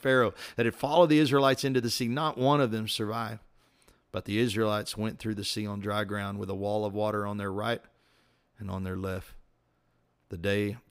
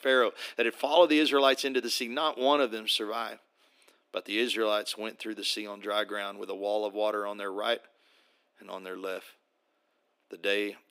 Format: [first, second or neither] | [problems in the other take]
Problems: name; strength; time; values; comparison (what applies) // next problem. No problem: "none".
first | thin; somewhat; fading below 300 Hz